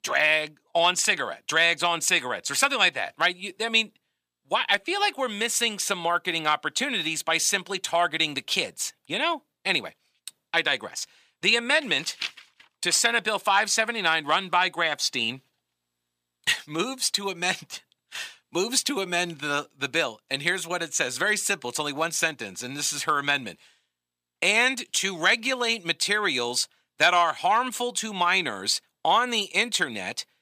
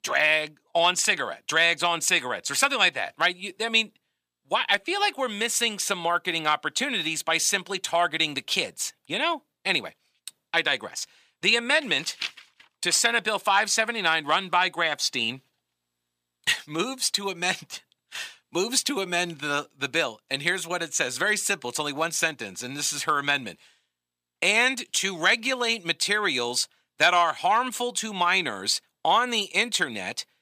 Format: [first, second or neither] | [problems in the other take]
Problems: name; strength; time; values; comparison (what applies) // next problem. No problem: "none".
neither | thin; somewhat; fading below 750 Hz; the same in both